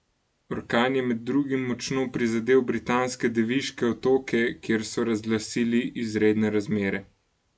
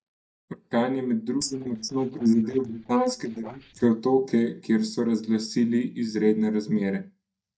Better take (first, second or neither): first